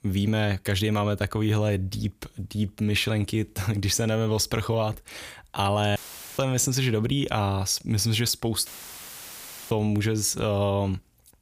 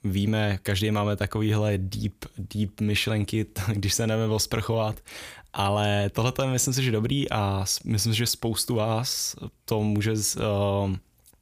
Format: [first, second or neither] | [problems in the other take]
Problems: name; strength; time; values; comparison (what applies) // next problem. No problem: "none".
second | audio cutting out; filled with static; at 6 s and at 8.5 s for 1 s